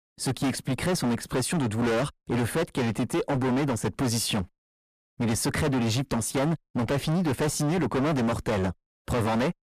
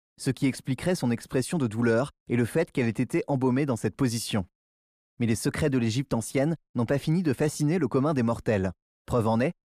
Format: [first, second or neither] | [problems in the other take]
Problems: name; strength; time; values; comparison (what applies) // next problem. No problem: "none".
second | distortion; heavy; 28% of the sound clipped